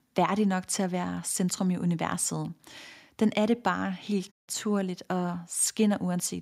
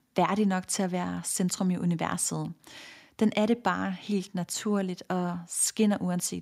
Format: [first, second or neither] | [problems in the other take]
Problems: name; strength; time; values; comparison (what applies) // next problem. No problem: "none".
second | audio cutting out; at 4.5 s